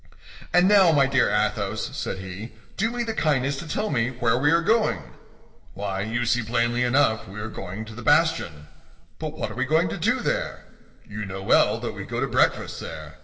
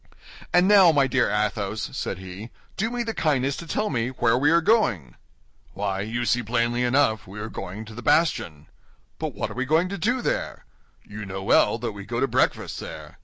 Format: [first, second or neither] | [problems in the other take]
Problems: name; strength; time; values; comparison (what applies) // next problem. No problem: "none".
second | room echo; dies away in 2.2 s